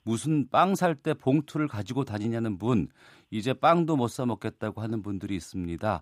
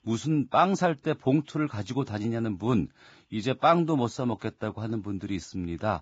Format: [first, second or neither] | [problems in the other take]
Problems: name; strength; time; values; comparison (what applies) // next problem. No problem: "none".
first | garbled, watery; badly; nothing above 7.5 kHz